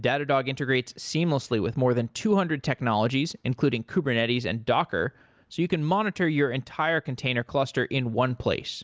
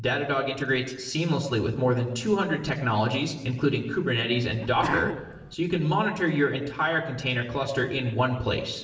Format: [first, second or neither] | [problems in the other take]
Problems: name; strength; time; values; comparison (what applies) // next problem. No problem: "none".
first | noise reduction (neural separator model SepFormer DNS4)